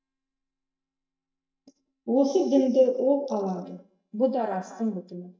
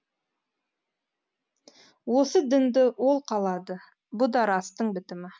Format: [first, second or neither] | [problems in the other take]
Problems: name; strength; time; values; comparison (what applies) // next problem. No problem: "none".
second | noise reduction (neural mask model DeepFilterNet 3)